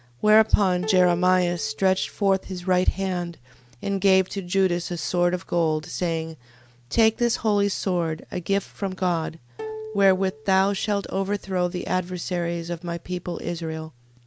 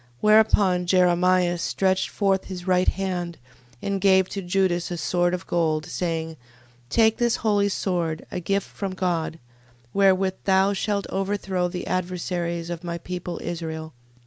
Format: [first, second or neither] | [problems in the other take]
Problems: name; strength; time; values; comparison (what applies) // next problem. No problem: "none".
second | background sound (Plucked string instrument); 15 dB below the speech